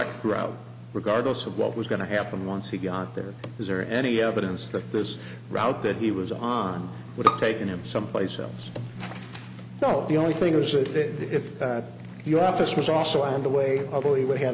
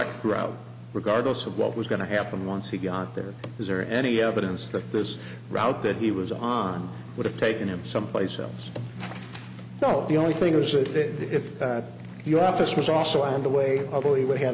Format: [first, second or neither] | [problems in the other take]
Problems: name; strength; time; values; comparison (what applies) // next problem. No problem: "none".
second | background sound (Bowed string instrument); 5 dB below the speech